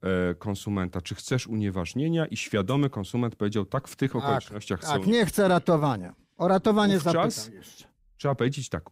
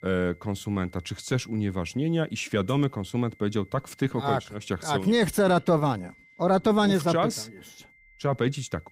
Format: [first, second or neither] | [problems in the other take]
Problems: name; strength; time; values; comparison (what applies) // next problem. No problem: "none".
first | high-pitched whine; faint; throughout; 2 kHz, 30 dB below the speech